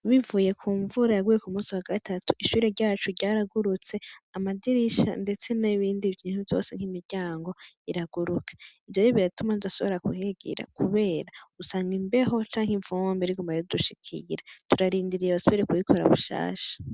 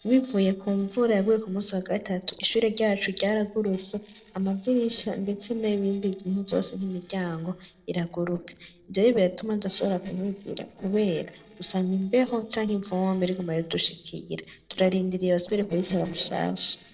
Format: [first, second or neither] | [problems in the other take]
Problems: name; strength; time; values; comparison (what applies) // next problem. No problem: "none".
first | noise reduction (neural separator model SepFormer DNS4)